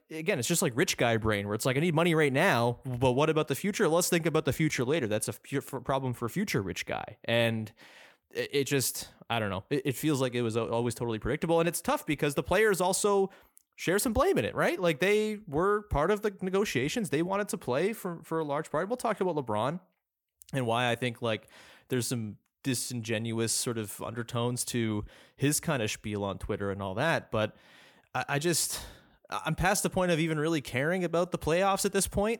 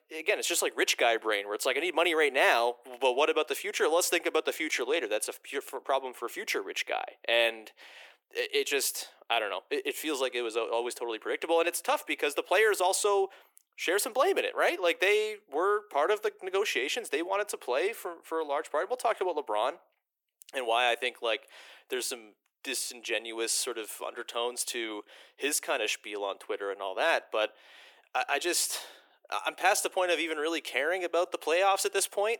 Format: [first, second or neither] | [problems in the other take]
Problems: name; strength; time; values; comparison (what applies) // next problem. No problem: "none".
first | thin; very; fading below 350 Hz